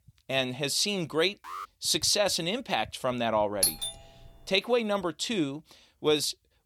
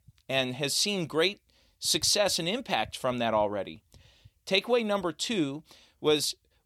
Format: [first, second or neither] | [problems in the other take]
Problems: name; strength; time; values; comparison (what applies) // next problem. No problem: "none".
second | alarm; faint; at 1.5 s; peak 15 dB below the speech // doorbell; loud; at 3.5 s; peak 2 dB above the speech